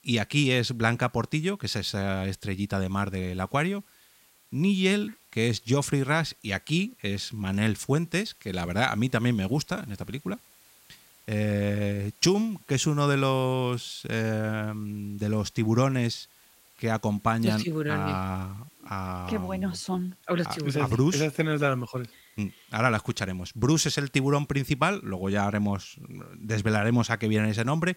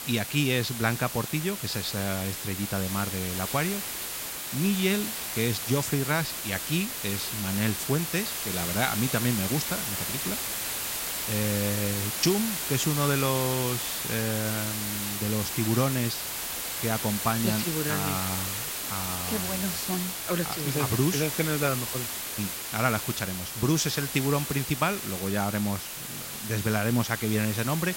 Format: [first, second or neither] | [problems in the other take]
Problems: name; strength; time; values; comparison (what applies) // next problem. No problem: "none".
first | hiss; loud; throughout; 2 dB below the speech; faint in the first